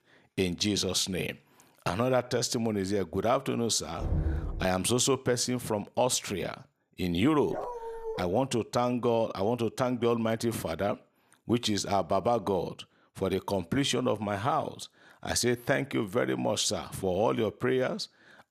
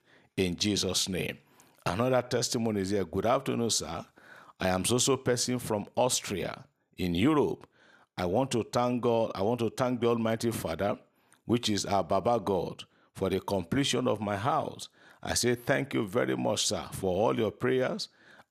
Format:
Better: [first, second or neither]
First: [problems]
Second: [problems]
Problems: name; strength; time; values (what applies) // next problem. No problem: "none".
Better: second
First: door banging; noticeable; at 4 s; peak 2 dB below the speech // dog barking; noticeable; at 7.5 s; peak 8 dB below the speech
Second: none